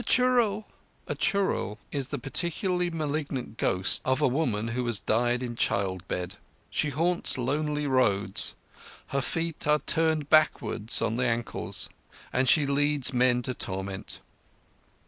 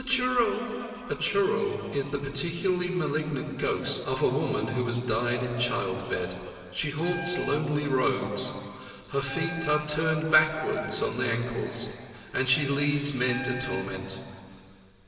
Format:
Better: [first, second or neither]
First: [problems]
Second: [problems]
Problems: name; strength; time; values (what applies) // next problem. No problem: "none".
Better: first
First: none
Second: background sound (Wind instrument, woodwind instrument); 12 dB below the speech // room echo; dies away in 2.8 s